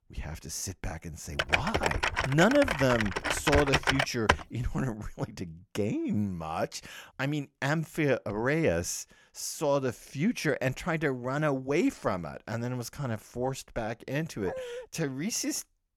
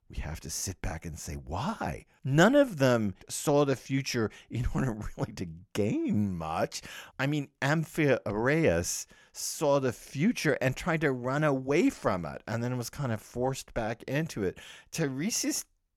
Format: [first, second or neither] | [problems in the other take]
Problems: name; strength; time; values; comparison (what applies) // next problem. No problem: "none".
second | keyboard typing; loud; from 1.5 to 4.5 s; peak 4 dB above the speech // dog barking; noticeable; at 14 s; peak 8 dB below the speech